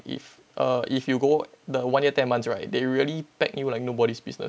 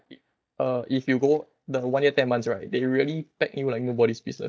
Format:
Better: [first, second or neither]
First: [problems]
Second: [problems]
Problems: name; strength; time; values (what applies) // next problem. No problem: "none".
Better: first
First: none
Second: noise reduction (neural mask model DeepFilterNet 3)